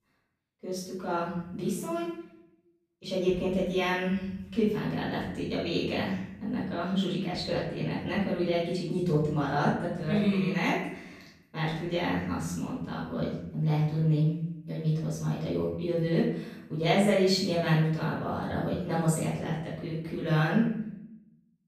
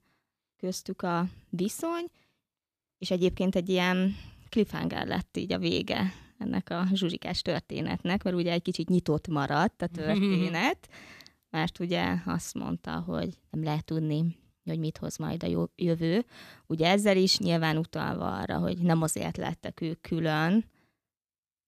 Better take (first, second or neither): second